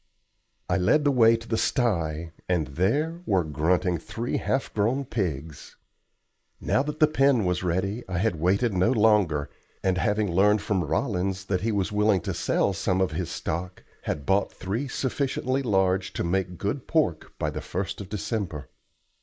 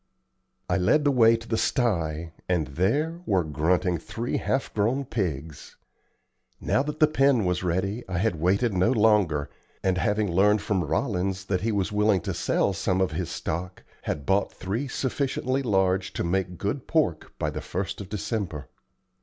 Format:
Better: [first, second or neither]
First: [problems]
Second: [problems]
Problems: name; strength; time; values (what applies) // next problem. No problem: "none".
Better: second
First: noise reduction (neural mask model Resemble Enhance denoiser)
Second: none